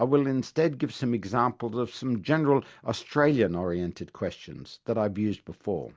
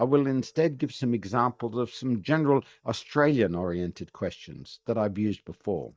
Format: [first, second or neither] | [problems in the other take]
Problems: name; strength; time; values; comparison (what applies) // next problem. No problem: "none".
first | noise reduction (neural mask model DeepFilterNet 3)